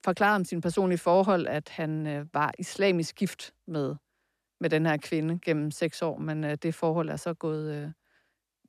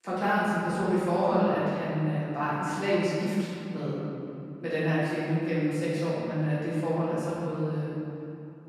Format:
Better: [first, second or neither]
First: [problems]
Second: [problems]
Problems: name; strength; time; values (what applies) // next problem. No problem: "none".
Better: first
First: none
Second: room echo; strong; dies away in 2.7 s // off-mic speech; far